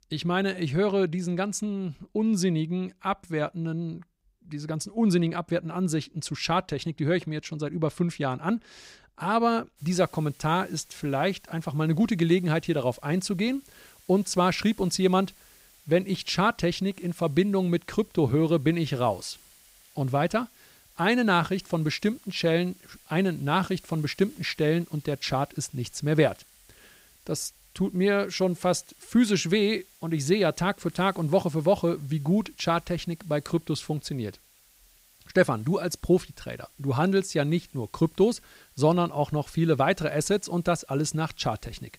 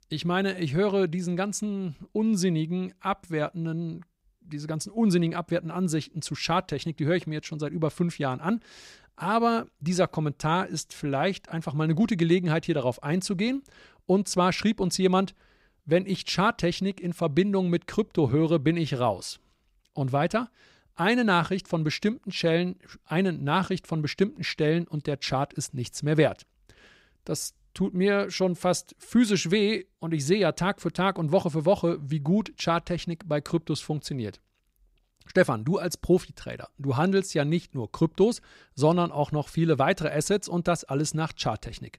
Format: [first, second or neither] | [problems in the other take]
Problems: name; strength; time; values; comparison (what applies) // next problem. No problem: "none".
second | hiss; faint; from 10 s on; 25 dB below the speech